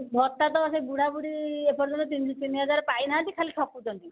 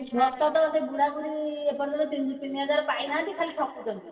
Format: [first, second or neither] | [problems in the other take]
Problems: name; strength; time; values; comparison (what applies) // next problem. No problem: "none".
first | noise reduction (neural separator model SepFormer DNS4)